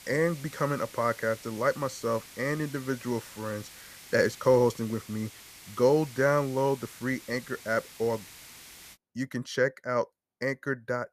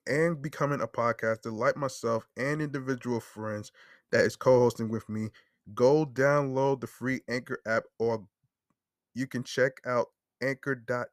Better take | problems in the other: second | hiss; noticeable; until 9 s; 15 dB below the speech

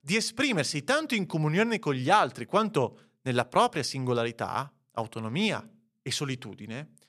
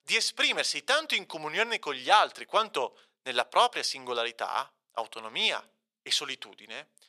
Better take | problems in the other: first | thin; very; fading below 650 Hz

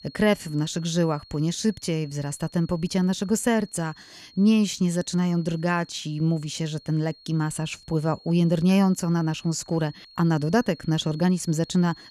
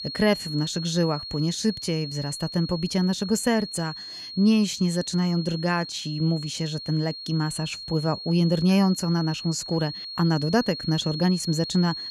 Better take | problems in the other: first | high-pitched whine; loud; throughout; 4.5 kHz, 9 dB below the speech; faint in the first

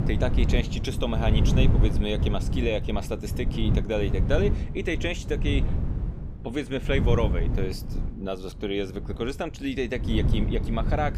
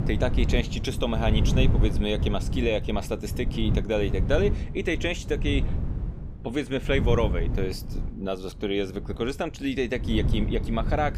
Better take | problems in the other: second | wind noise on the microphone; heavy; 8 dB below the speech; occasional gusts in the second

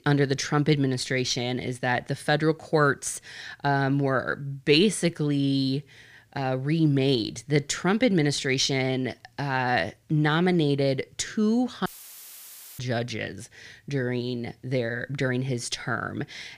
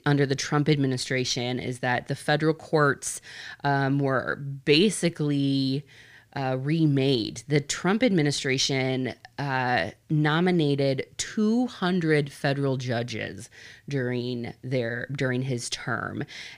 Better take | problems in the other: second | audio cutting out; filled with static; at 12 s for 1 s

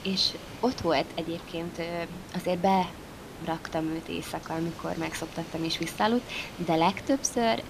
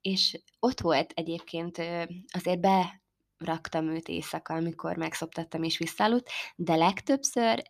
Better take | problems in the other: second | hiss; noticeable; throughout; 15 dB below the speech

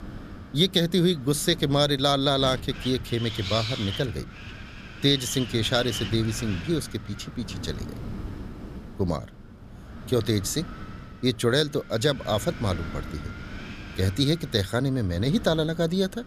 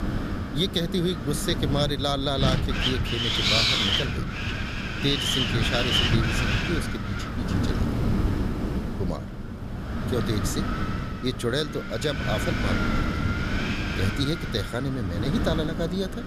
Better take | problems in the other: first | wind noise on the microphone; heavy; 2 dB above the speech; occasional gusts in the first

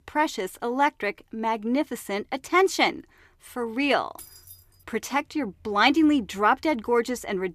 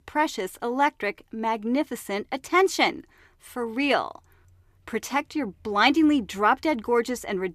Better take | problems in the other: second | jangling keys; faint; at 4 s; peak 20 dB below the speech

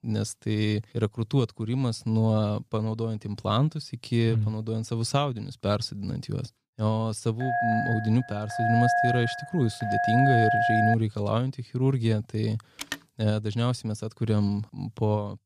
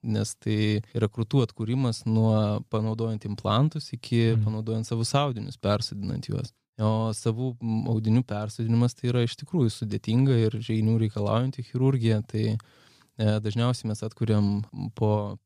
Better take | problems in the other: second | phone ringing; loud; from 7.5 to 11 s; peak 5 dB above the speech // phone ringing; noticeable; at 13 s; peak 8 dB below the speech

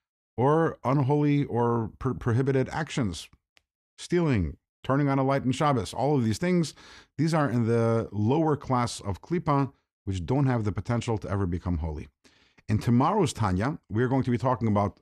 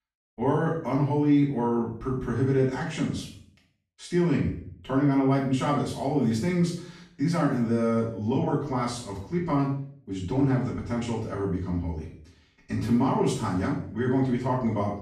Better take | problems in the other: first | room echo; noticeable; dies away in 0.5 s // off-mic speech; far

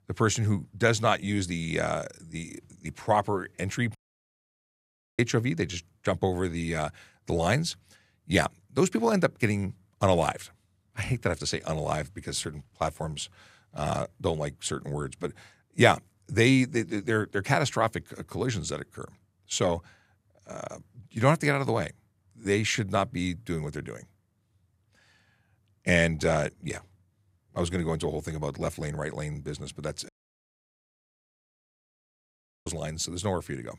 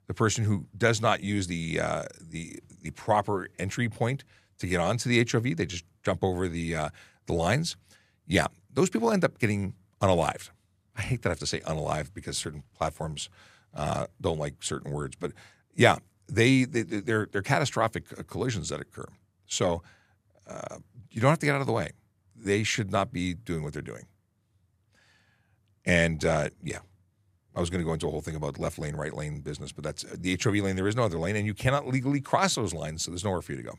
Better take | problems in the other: second | audio cutting out; at 4 s for 1 s and at 30 s for 2.5 s

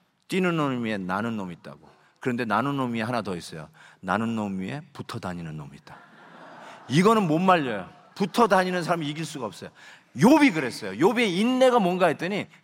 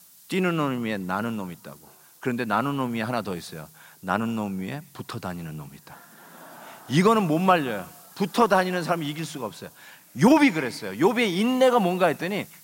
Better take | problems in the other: first | hiss; faint; throughout; 25 dB below the speech

